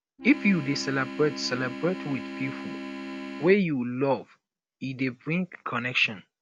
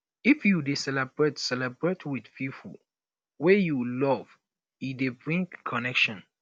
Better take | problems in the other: second | background sound (Organ); 9 dB below the speech

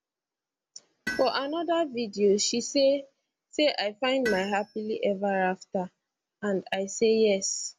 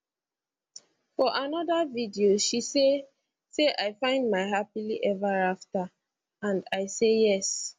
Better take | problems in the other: second | background sound (Tools); 17 dB below the speech

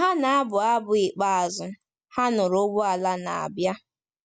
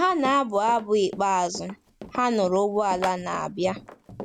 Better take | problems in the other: first | background sound (Run); 16 dB below the speech

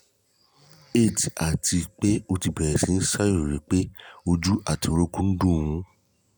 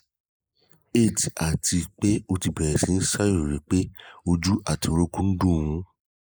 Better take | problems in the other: first | noise reduction (neural mask model Resemble Enhance denoiser)

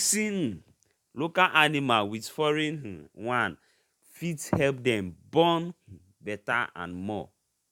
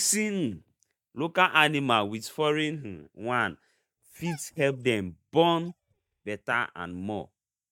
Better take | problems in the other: first | noise reduction (neural mask model DeepFilterNet 3)

